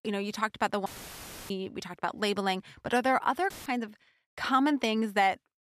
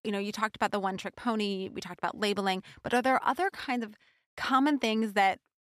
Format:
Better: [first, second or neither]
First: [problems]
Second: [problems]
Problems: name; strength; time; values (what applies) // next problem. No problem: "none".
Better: second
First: audio cutting out; filled with static; at 1 s for 0.5 s and at 3.5 s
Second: none